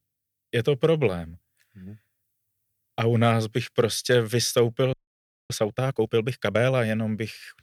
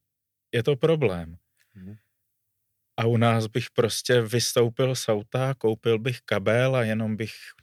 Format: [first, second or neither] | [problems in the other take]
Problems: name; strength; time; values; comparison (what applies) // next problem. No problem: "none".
second | audio freezing; at 5 s for 0.5 s